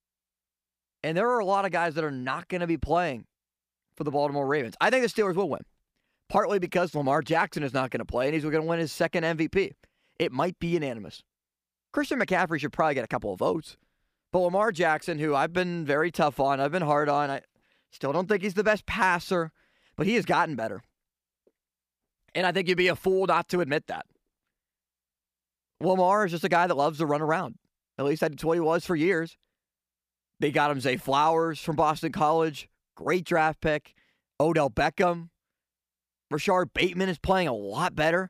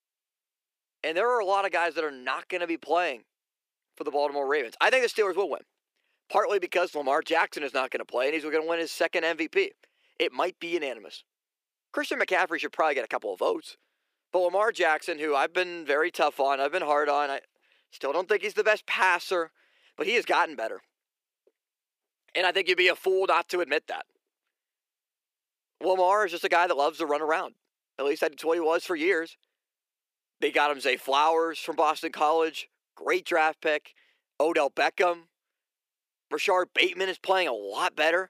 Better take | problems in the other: first | thin; somewhat; fading below 350 Hz

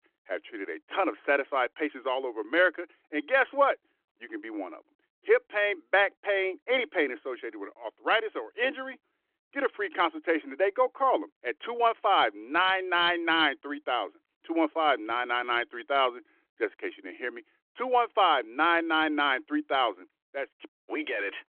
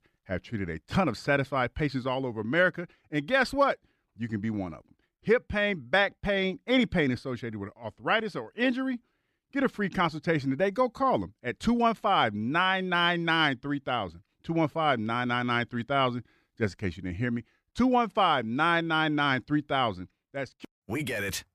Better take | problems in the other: second | phone-call audio

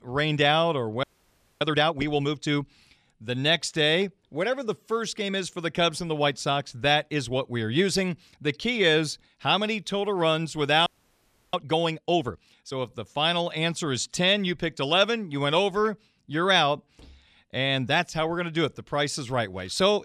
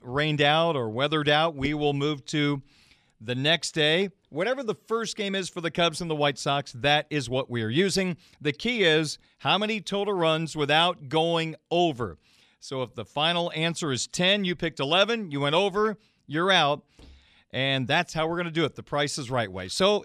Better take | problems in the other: second | audio freezing; at 1 s for 0.5 s and at 11 s for 0.5 s

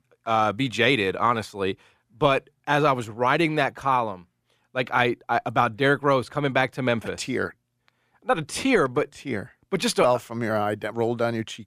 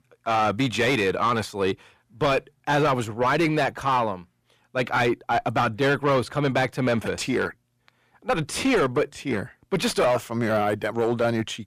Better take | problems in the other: first | distortion; heavy; 8 dB below the speech

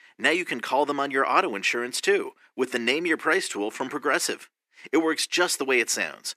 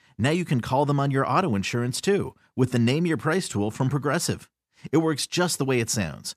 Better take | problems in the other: second | thin; somewhat; fading below 300 Hz

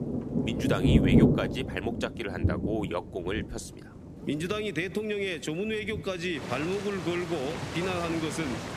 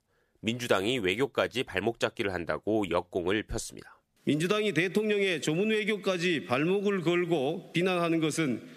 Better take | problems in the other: second | rain or running water; very loud; throughout; 3 dB above the speech

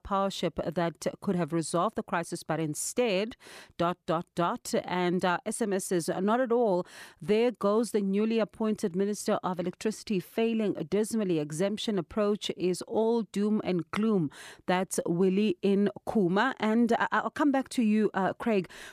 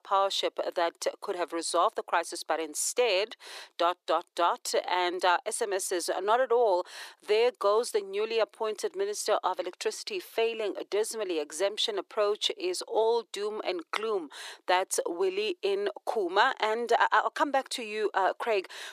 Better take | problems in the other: first | thin; very; fading below 400 Hz

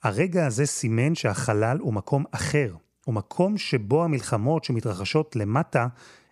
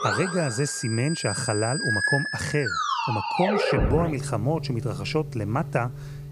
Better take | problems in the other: first | background music; loud; throughout; 1 dB below the speech

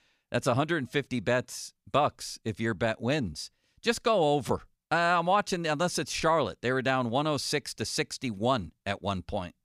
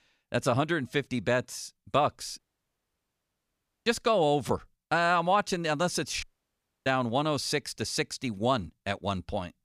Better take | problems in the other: first | audio cutting out; at 2.5 s for 1.5 s and at 6 s for 0.5 s

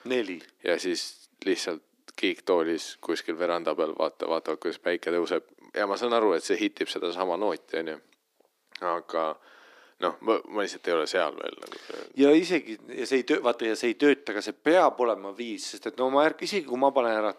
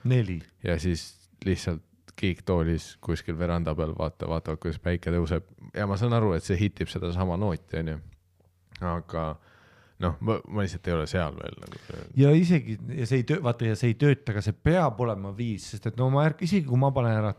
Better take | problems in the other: second | thin; somewhat; fading below 300 Hz

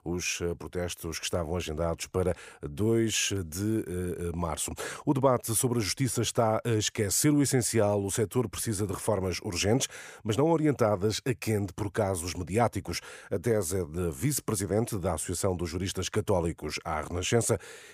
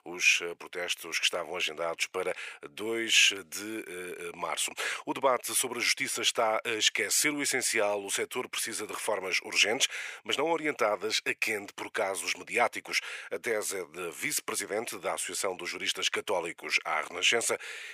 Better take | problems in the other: first | thin; very; fading below 500 Hz

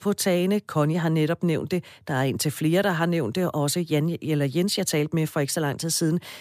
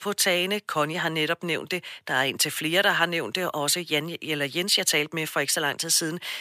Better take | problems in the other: first | thin; somewhat; fading below 900 Hz

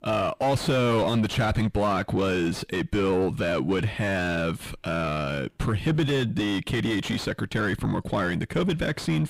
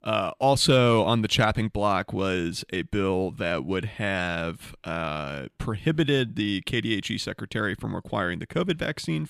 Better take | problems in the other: second | distortion; heavy; 5 dB below the speech

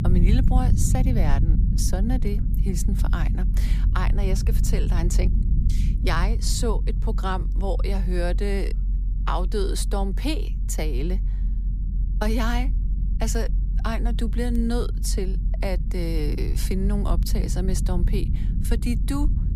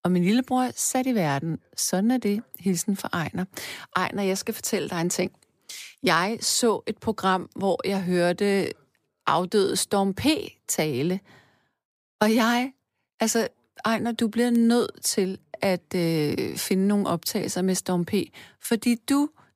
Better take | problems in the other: second | low rumble; loud; throughout; 10 dB below the speech

